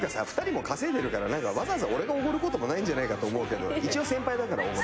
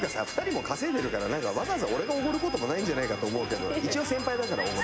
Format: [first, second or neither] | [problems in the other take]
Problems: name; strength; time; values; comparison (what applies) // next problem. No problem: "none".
first | background sound (Train + Rain / Train); 13 dB below the speech